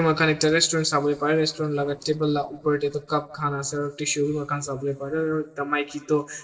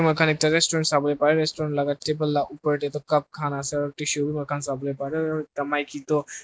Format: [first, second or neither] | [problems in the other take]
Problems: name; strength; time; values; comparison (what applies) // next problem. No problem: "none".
second | noise reduction (neural separator model SepFormer DNS4)